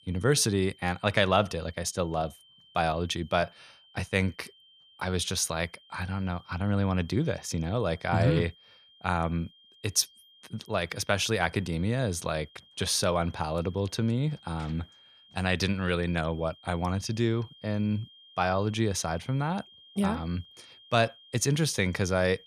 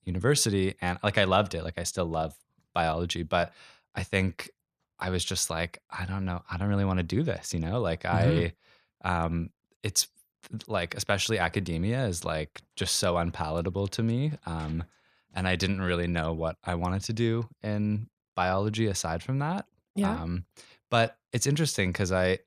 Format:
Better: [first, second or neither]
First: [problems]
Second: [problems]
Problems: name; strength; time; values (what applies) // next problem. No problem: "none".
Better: second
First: high-pitched whine; faint; throughout; 3 kHz, 25 dB below the speech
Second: none